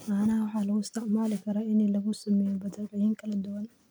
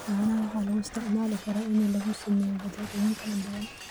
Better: first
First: none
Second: background sound (Shatter); 15 dB below the speech

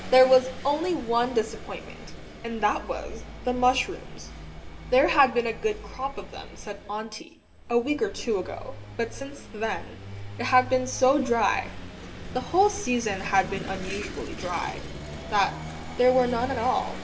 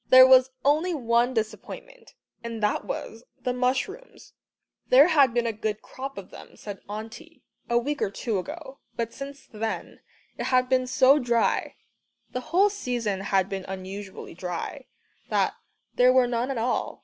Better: second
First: background sound (Engine / Vehicle); 12 dB below the speech // room echo; dies away in 0.8 s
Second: none

